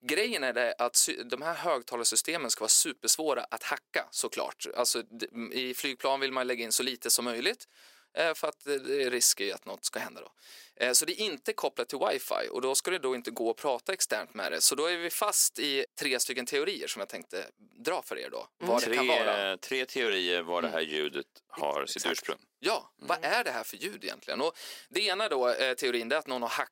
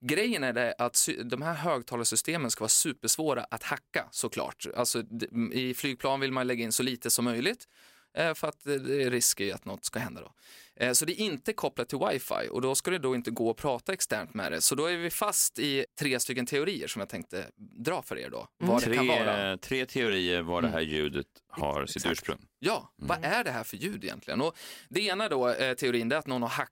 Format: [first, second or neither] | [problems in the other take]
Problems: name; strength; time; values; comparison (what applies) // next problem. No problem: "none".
second | thin; somewhat; fading below 400 Hz